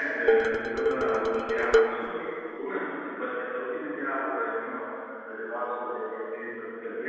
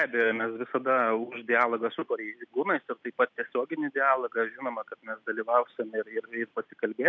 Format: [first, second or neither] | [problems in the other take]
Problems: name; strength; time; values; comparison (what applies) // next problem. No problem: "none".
second | background sound (Dishes, pots, and pans); 4 dB above the speech // room echo; dies away in 2.1 s